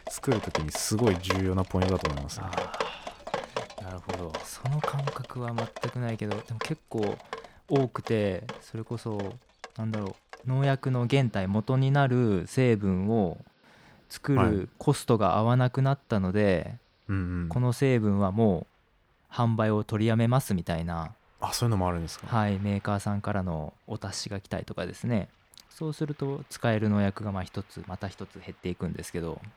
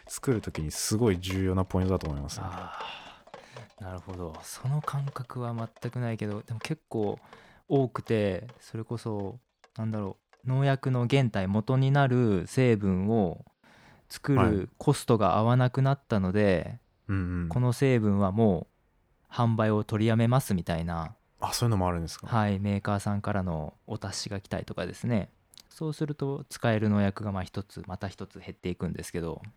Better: second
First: rain or running water; loud; throughout; 9 dB below the speech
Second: rain or running water; faint; throughout; 25 dB below the speech

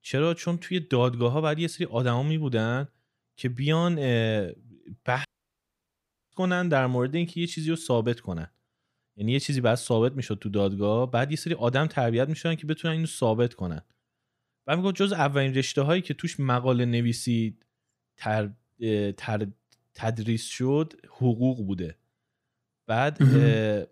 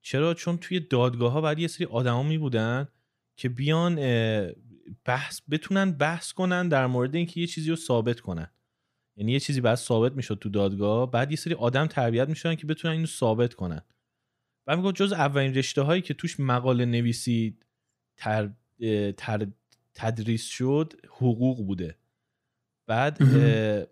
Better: second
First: audio cutting out; at 5.5 s for 1 s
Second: none

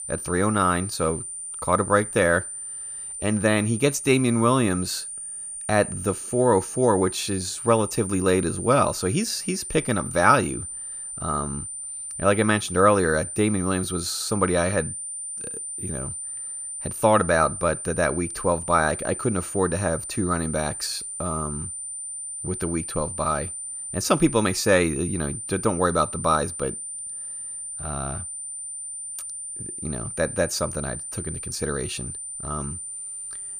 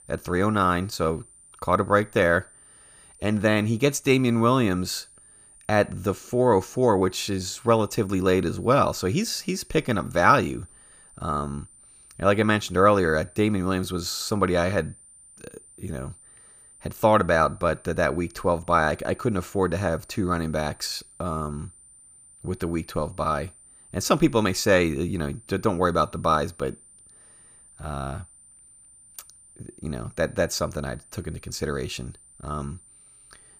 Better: second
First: high-pitched whine; loud; throughout; 9 kHz, 7 dB below the speech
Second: high-pitched whine; faint; throughout; 9 kHz, 25 dB below the speech

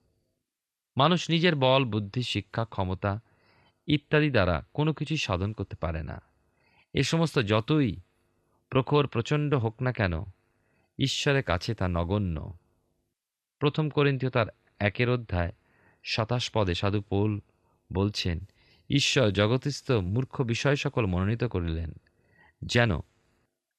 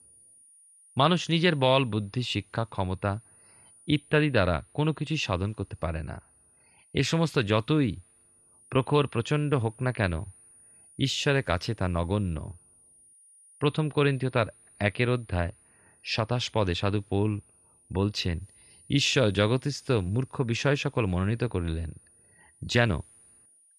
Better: first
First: none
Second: high-pitched whine; faint; throughout; 9.5 kHz, 30 dB below the speech

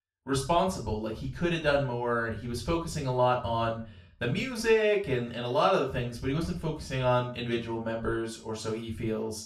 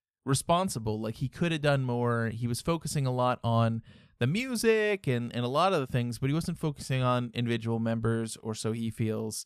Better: second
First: room echo; slight; dies away in 0.4 s // off-mic speech; far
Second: none

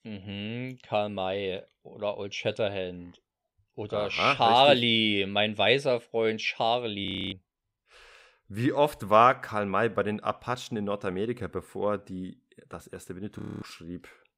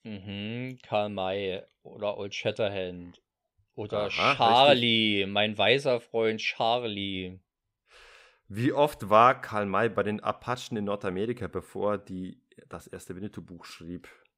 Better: second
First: audio freezing; at 7 s and at 13 s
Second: none

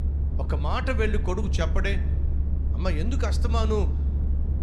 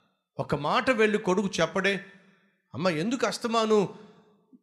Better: second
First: low rumble; noticeable; throughout; 10 dB below the speech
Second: none

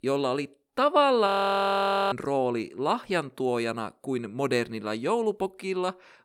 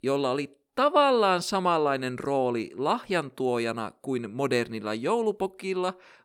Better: second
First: audio freezing; at 1.5 s for 1 s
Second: none

